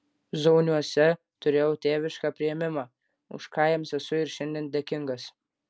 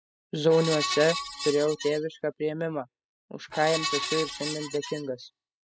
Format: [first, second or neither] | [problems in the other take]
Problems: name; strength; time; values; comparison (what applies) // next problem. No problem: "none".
first | noise reduction (classical method spectral subtraction)